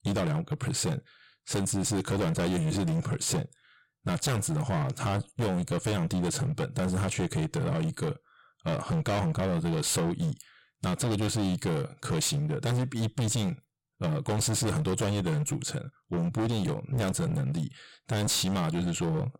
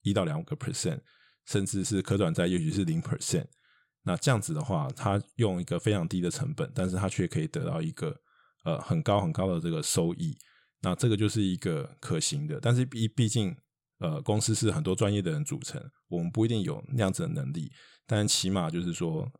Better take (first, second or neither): second